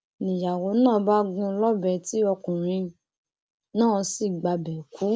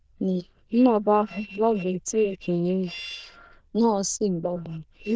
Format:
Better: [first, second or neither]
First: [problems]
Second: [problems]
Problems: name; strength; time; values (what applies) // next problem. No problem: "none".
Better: first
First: none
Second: noise reduction (neural diffusion model UNIVERSE++)